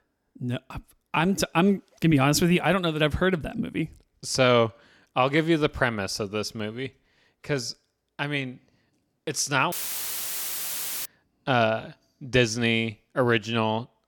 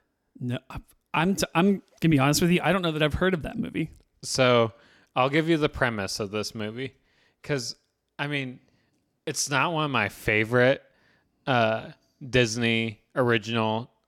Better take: second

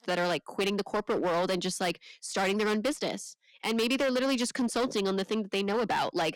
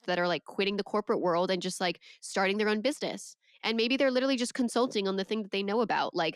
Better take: second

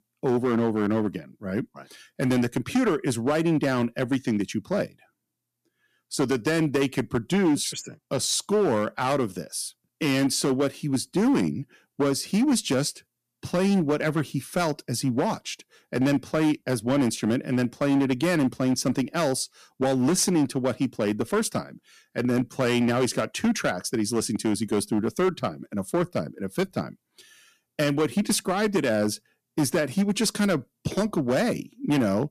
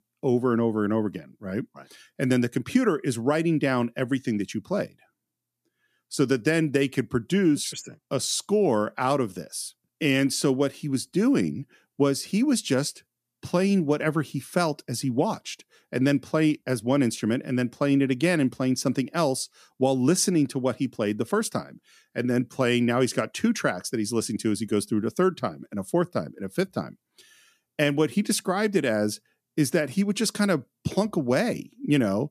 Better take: second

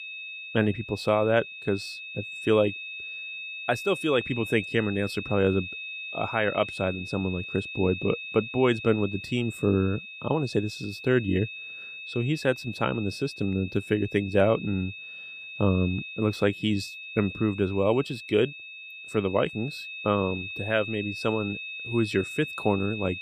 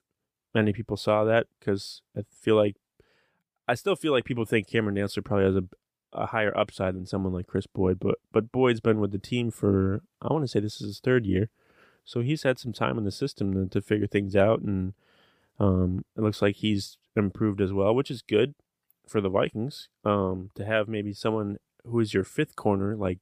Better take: second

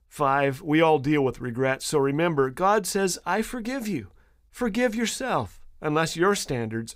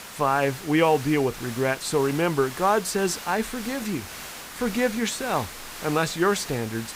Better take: first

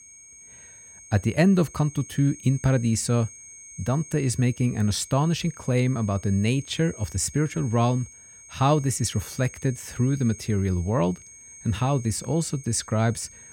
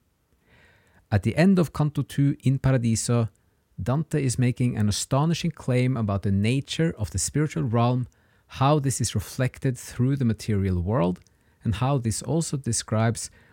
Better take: second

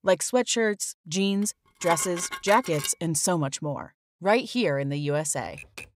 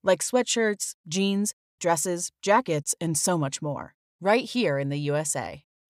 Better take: second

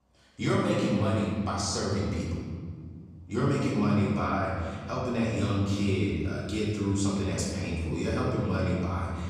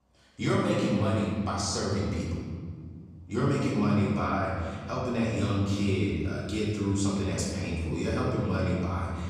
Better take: neither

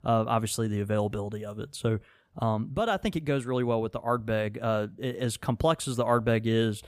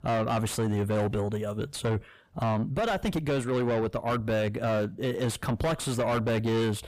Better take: first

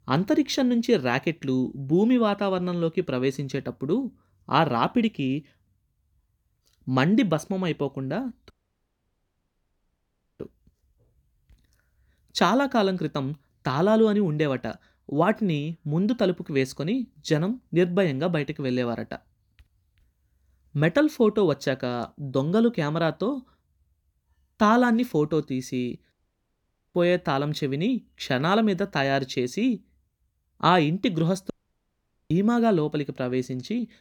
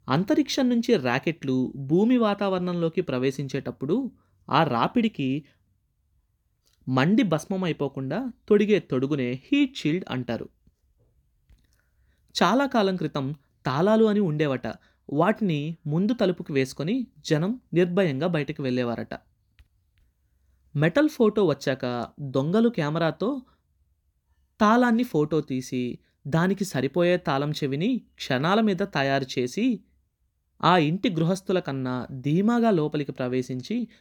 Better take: second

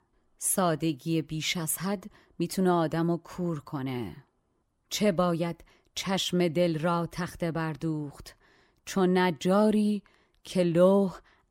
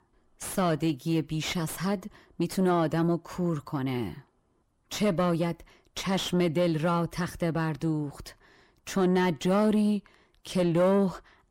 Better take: first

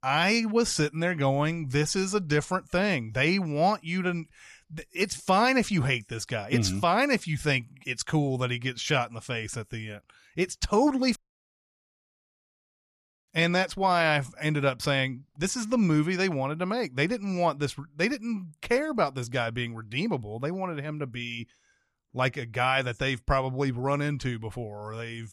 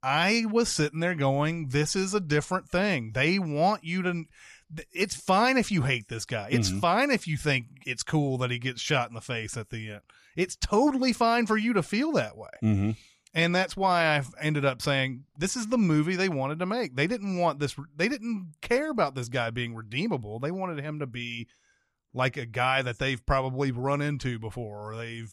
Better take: second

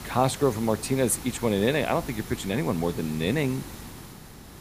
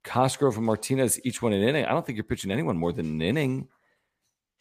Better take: second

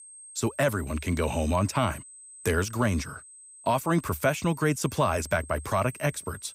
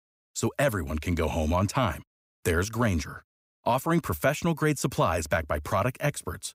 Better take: second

